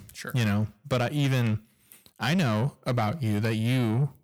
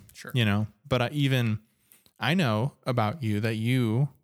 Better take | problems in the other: second | distortion; slight; 10 dB below the speech

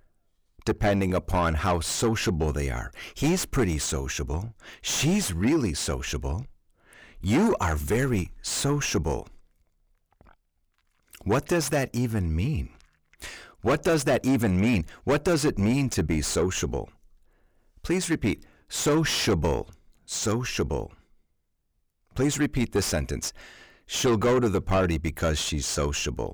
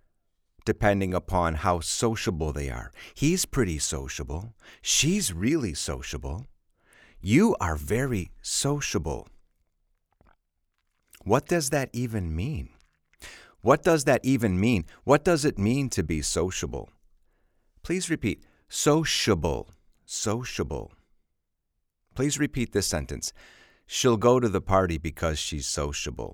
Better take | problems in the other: second | distortion; heavy; 7 dB below the speech

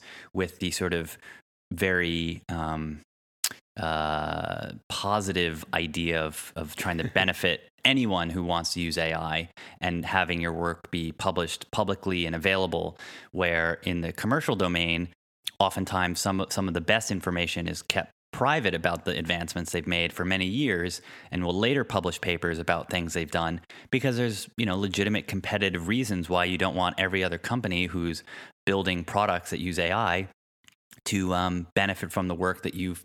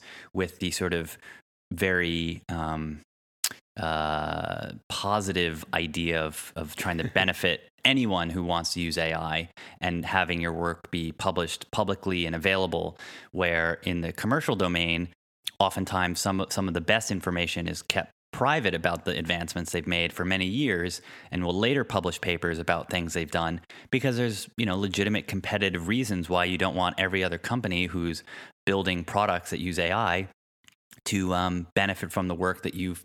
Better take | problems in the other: neither | none

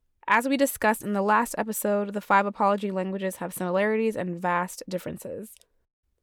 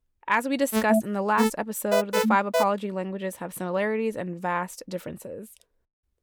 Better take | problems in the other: first | alarm; loud; from 0.5 to 2.5 s; peak 3 dB above the speech

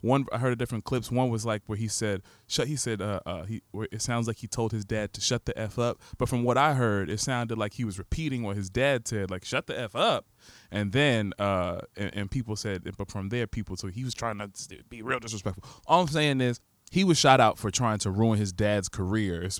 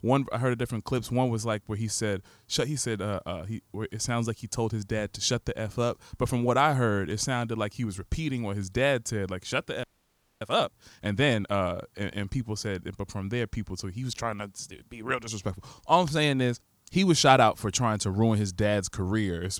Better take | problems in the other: first | audio freezing; at 10 s for 0.5 s

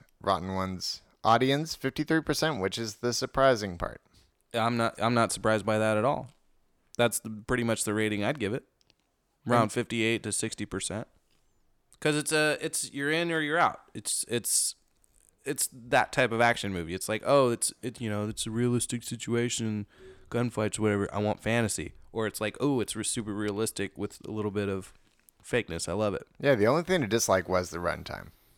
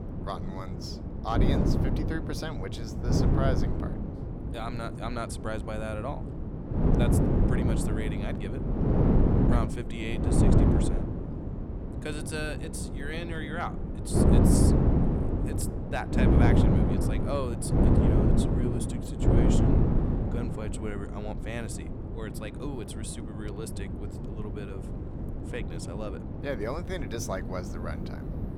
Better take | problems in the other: first | wind noise on the microphone; heavy; 2 dB above the speech

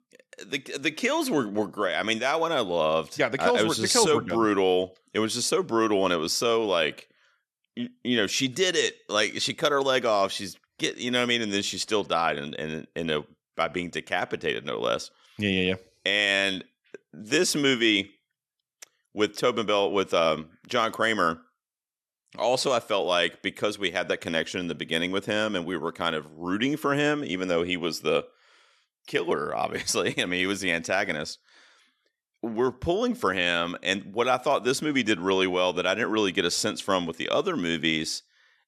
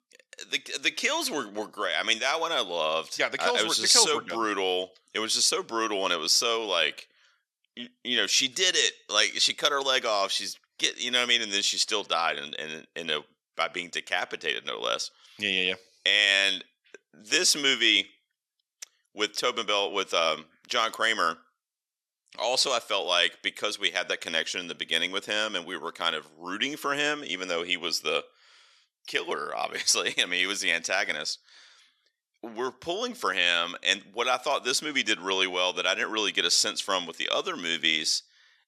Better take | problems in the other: first | thin; somewhat; fading below 750 Hz

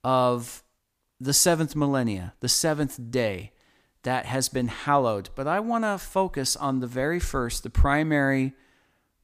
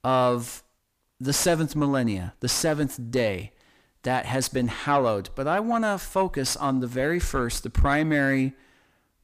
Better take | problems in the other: first | distortion; slight; 10 dB below the speech

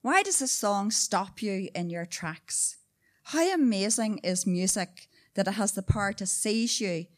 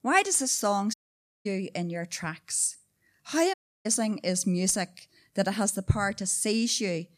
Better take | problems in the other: first | audio cutting out; at 1 s for 0.5 s and at 3.5 s

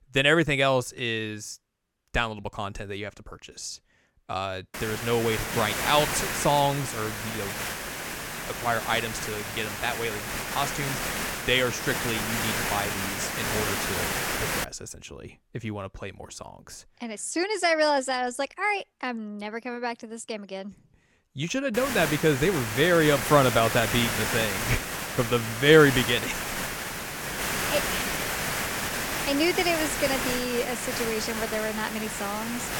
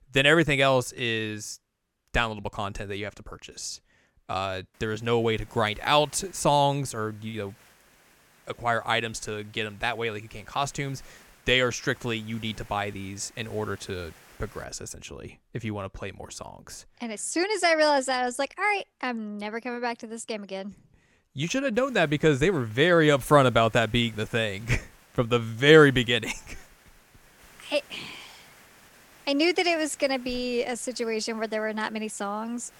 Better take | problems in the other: second | hiss; loud; from 4.5 to 15 s and from 22 s on; 3 dB below the speech; faint in the second

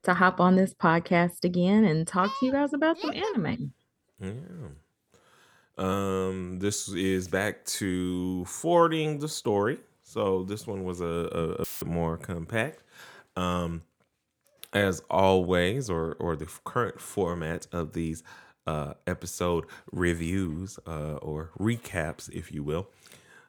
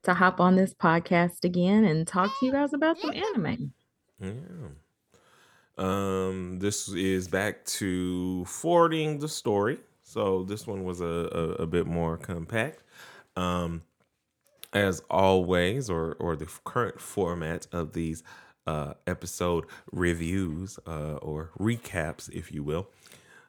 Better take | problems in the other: second | audio cutting out; filled with static; at 12 s

